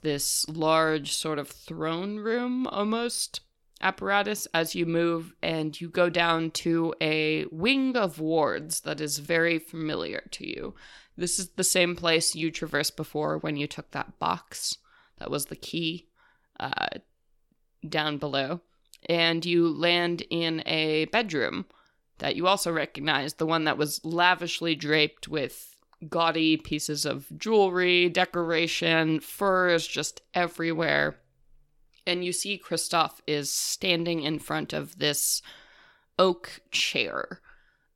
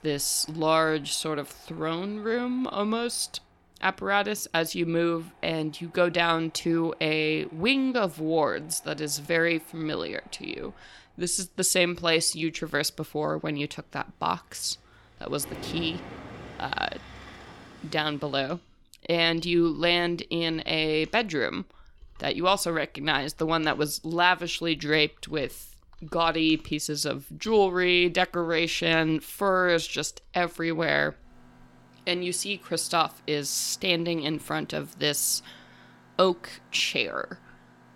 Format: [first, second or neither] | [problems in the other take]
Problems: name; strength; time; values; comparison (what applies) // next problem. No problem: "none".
first | machinery noise; faint; throughout; 25 dB below the speech